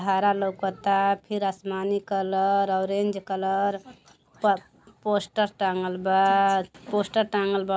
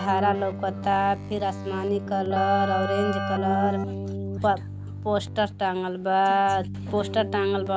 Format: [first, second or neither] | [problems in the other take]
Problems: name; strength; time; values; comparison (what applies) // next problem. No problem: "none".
first | background sound (Keyboard (musical)); 6 dB below the speech